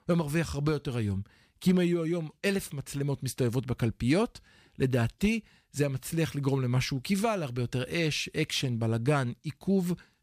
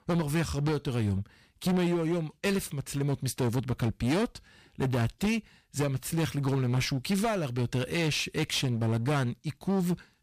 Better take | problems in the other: first | distortion; slight; 16% of the sound clipped

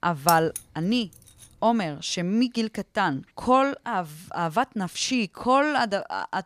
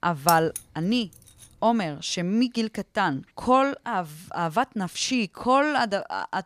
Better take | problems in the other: neither | jangling keys; noticeable; at 0.5 s; peak 4 dB below the speech; the same in both

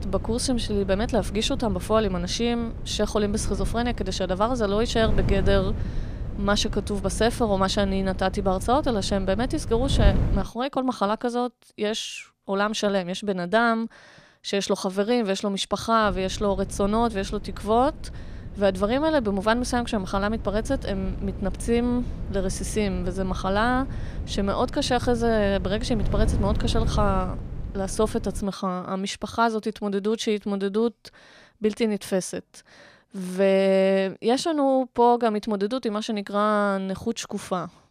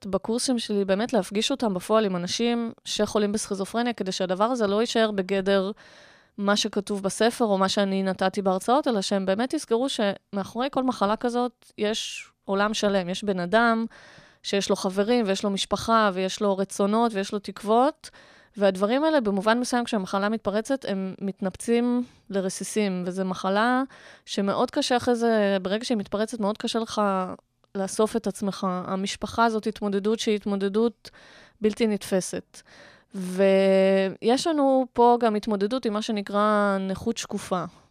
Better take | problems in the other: second | wind noise on the microphone; occasional gusts; until 10 s and from 16 to 28 s; 15 dB below the speech

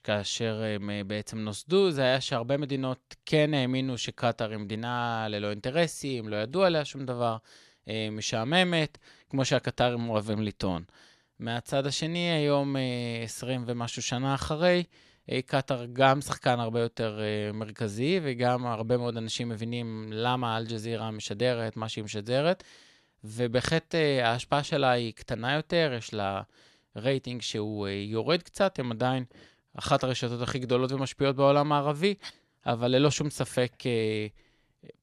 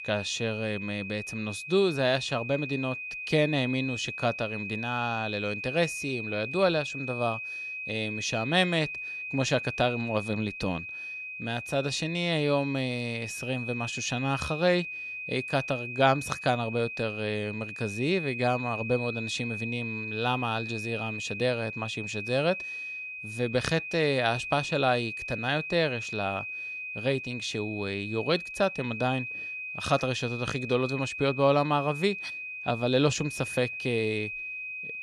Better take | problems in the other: first | high-pitched whine; loud; throughout; 2.5 kHz, 6 dB below the speech

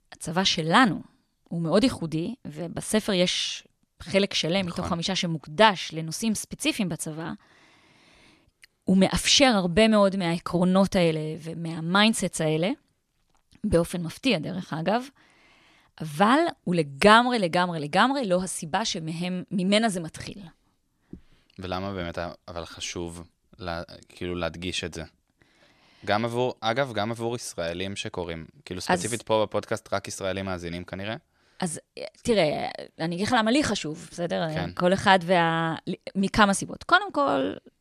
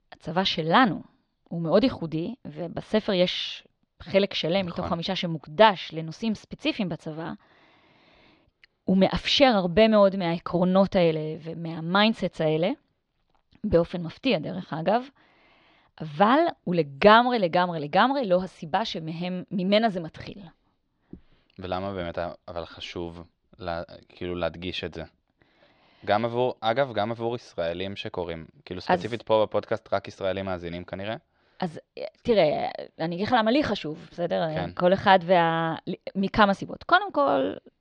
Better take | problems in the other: first | muffled; slightly; fading above 4 kHz

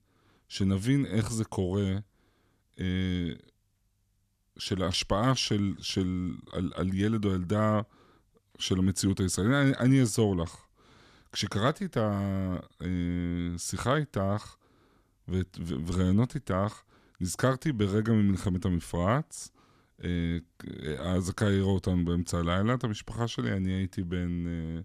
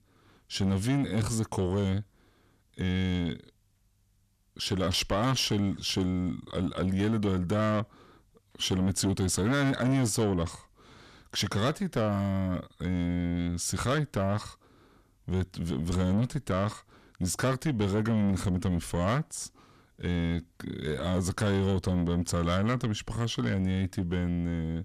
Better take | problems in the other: first | distortion; slight; 10 dB below the speech

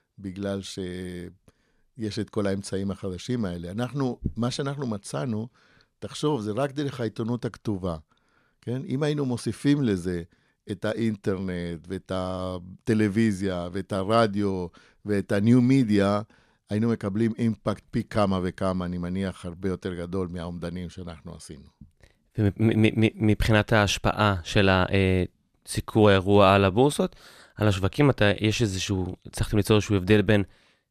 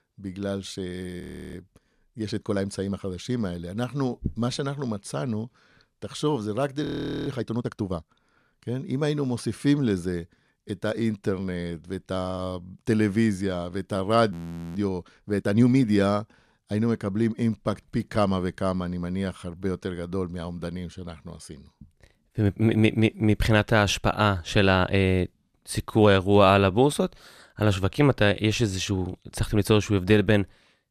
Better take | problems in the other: first | audio freezing; at 1 s, at 7 s and at 14 s

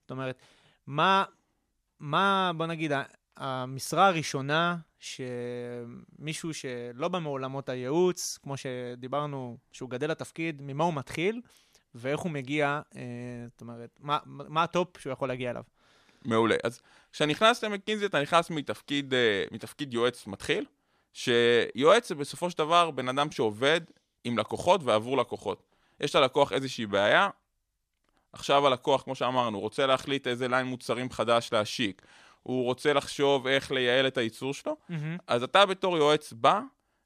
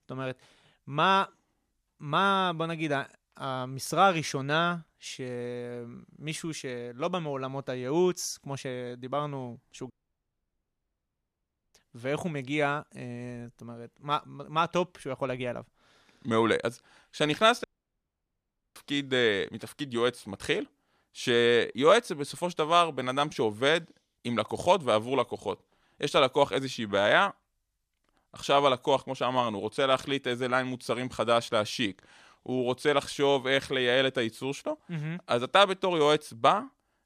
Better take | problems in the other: first | audio cutting out; at 10 s for 2 s and at 18 s for 1 s

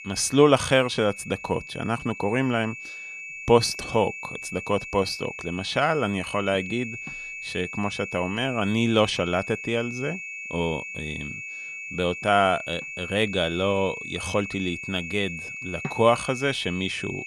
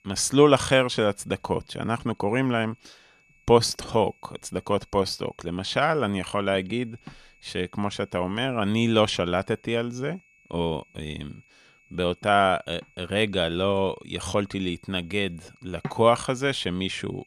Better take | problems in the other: second | high-pitched whine; loud; throughout; 2.5 kHz, 9 dB below the speech; faint in the second

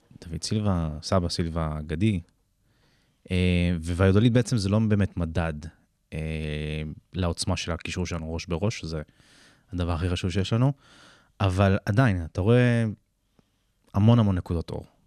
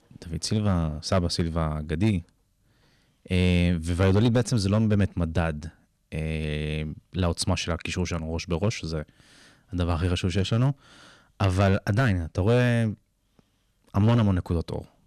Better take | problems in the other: first | distortion; slight; 5% of the sound clipped

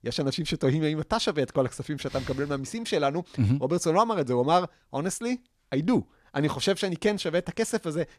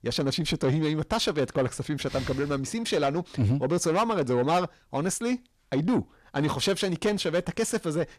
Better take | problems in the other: first | distortion; slight; 10 dB below the speech

